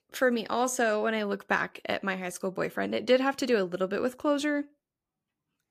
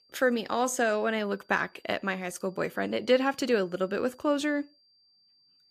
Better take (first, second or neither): first